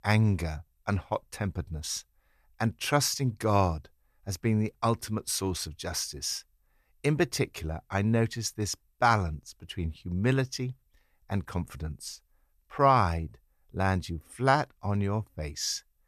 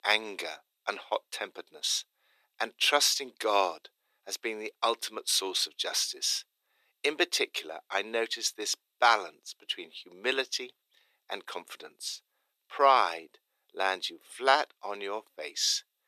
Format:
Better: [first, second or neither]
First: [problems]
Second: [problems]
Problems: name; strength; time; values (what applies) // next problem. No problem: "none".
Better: first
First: none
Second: thin; very; fading below 350 Hz